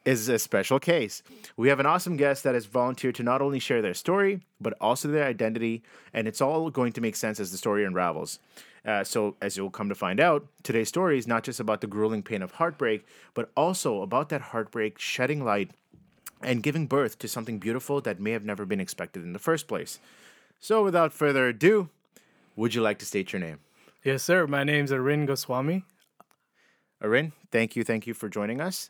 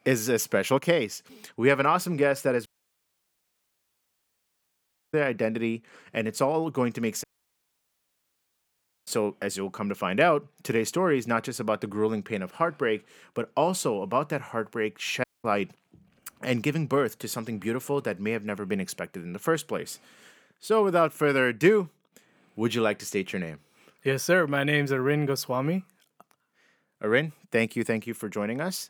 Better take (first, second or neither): first